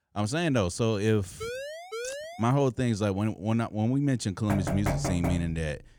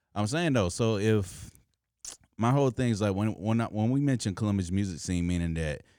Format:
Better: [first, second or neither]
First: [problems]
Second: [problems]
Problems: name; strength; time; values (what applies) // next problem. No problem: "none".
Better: second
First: siren; noticeable; from 1.5 to 2.5 s; peak 8 dB below the speech // door banging; noticeable; from 4.5 s on; peak 2 dB below the speech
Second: none